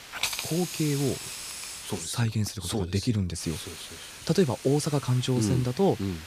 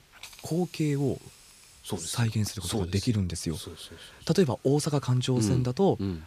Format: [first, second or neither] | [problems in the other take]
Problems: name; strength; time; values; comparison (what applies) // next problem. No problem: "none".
second | hiss; loud; until 2 s and from 3.5 s on; 9 dB below the speech; faint in the second